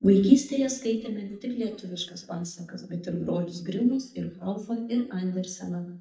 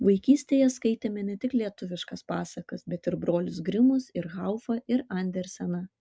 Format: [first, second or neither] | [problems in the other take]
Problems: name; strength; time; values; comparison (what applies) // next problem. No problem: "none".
second | noise reduction (neural mask model DeepFilterNet 3)